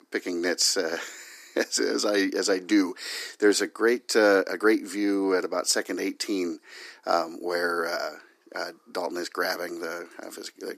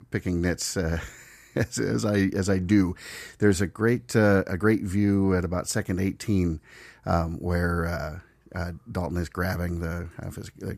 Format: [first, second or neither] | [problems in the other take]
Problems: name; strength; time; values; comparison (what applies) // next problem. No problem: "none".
second | thin; somewhat; fading below 300 Hz